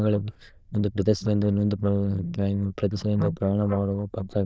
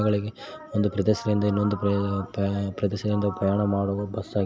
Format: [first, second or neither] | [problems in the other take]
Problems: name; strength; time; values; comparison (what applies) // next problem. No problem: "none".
second | noise reduction (neural diffusion model UNIVERSE++)